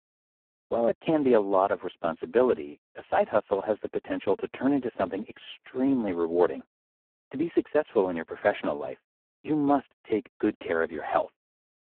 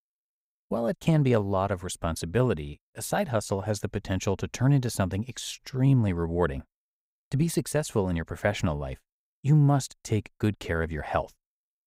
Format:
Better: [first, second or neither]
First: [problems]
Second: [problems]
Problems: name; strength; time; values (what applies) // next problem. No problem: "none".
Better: second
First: phone-call audio; poor line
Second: none